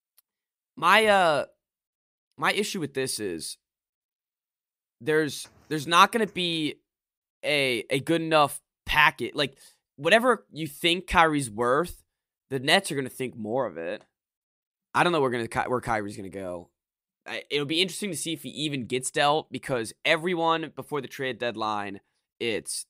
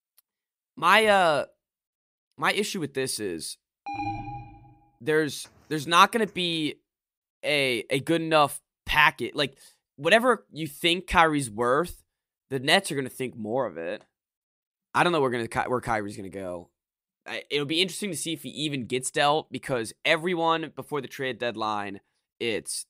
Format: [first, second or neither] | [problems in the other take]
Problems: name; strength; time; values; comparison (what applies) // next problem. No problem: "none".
first | alarm; noticeable; at 4 s; peak 7 dB below the speech